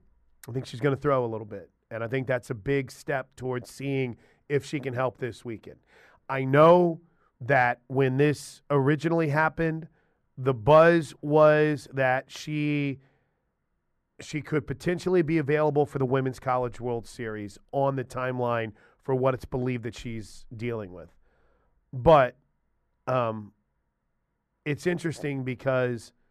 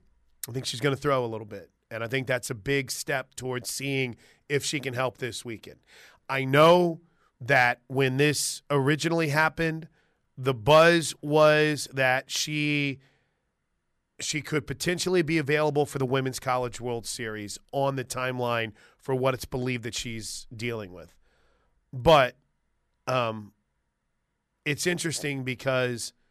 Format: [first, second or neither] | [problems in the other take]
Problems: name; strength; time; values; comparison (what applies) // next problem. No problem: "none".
second | muffled; slightly; fading above 2.5 kHz